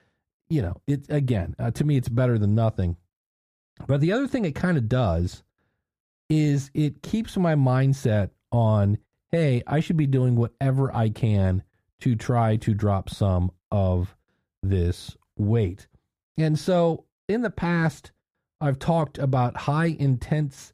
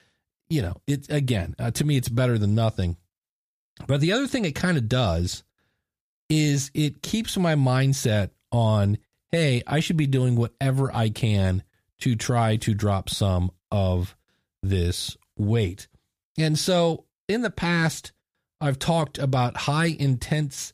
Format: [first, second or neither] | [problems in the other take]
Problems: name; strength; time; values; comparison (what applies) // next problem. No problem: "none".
second | muffled; slightly; fading above 2 kHz